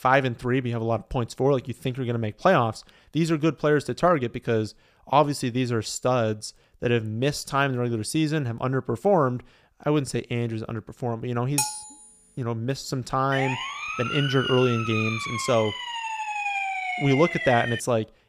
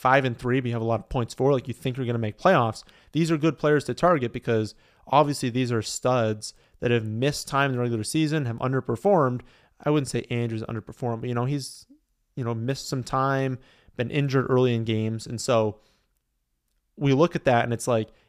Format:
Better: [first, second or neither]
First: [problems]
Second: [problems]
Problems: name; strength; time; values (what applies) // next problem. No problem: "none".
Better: second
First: clattering dishes; noticeable; at 12 s; peak 1 dB below the speech // siren; noticeable; from 13 to 18 s; peak 1 dB below the speech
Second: none